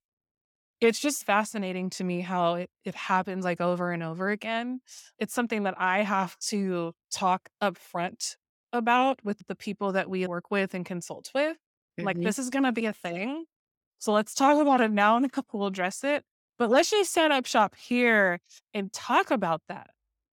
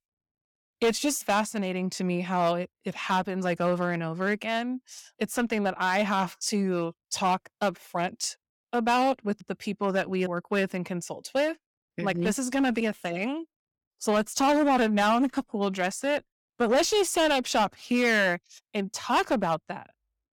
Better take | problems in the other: first | distortion; slight; 5% of the sound clipped

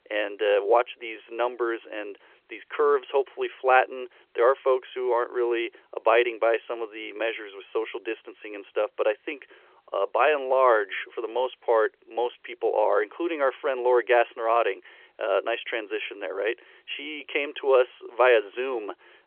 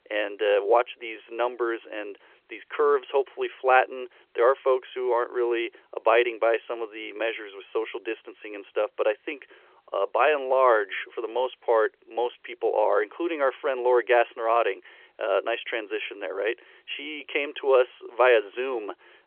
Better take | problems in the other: neither | phone-call audio; nothing above 3.5 kHz; the same in both

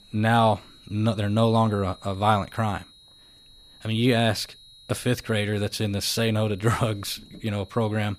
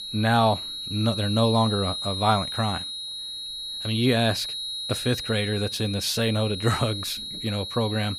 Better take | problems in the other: first | high-pitched whine; loud; throughout; 4 kHz, 5 dB below the speech; faint in the first

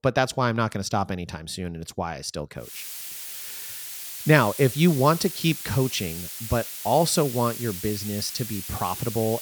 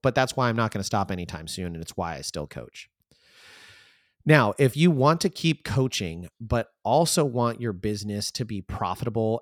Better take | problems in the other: second | hiss; loud; from 2.5 s on; 8 dB below the speech

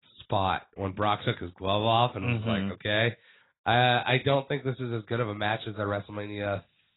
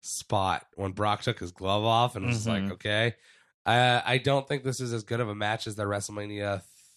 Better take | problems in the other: second | garbled, watery; badly; nothing above 4 kHz

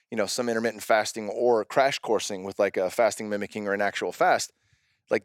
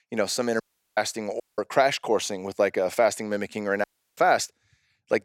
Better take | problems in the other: first | audio cutting out; at 0.5 s, at 1.5 s and at 4 s

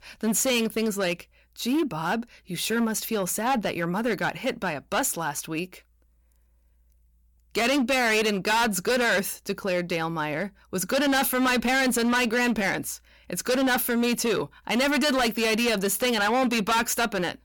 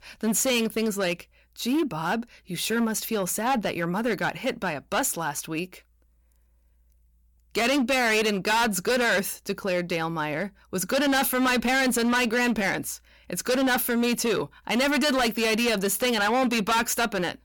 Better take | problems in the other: neither | distortion; heavy; 15% of the sound clipped; the same in both

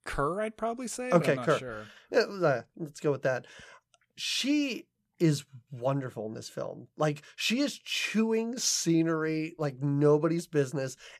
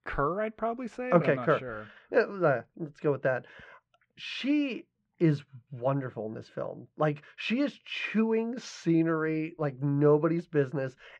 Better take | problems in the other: first | muffled; very; fading above 2 kHz

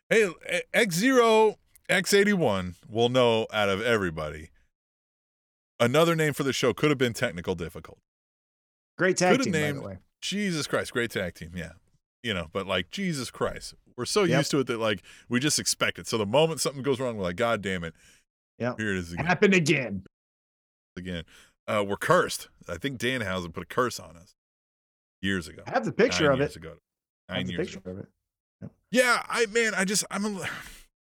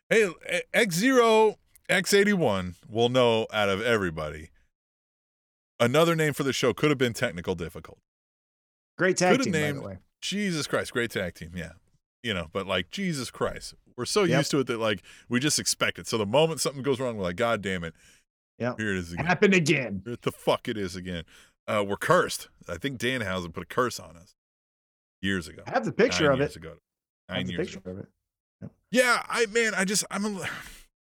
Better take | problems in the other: second | audio cutting out; at 20 s for 1 s

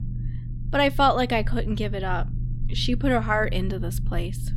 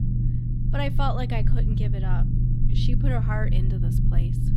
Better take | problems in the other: first | low rumble; loud; throughout; 4 dB below the speech; faint in the first

